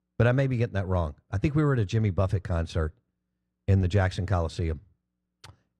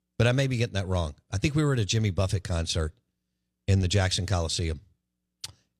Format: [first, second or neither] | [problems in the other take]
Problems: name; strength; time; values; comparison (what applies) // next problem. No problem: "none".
second | muffled; very; fading above 2.5 kHz